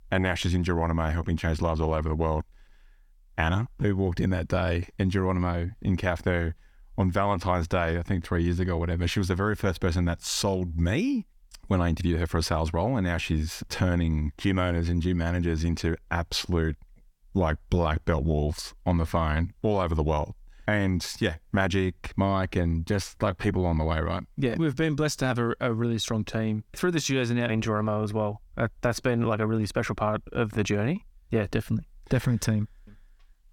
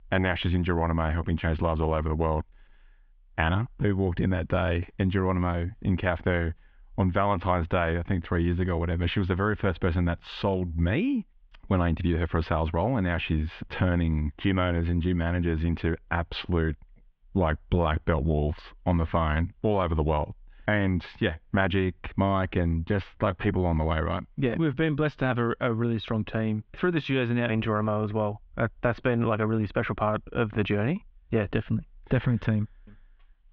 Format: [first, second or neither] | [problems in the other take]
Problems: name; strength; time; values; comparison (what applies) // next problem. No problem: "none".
first | muffled; very; fading above 3 kHz